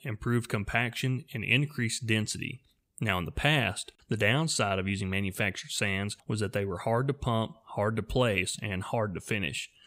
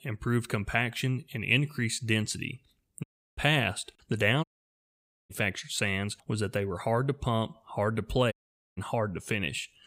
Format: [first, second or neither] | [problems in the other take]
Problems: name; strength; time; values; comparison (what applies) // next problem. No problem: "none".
first | audio cutting out; at 3 s, at 4.5 s for 1 s and at 8.5 s